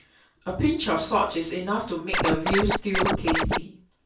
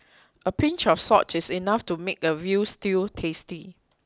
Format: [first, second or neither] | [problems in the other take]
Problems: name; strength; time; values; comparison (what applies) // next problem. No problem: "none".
second | background sound (Scratching (performance technique)); 3 dB above the speech // room echo; dies away in 0.3 s